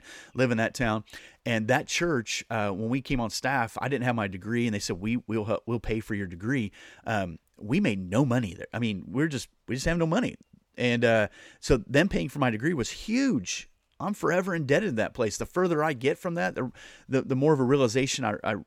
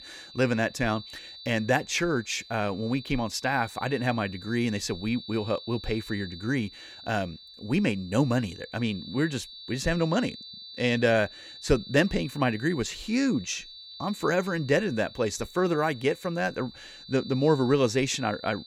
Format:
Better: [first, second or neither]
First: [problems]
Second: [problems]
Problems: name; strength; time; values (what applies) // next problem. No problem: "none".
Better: first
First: none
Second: high-pitched whine; noticeable; throughout; 4 kHz, 15 dB below the speech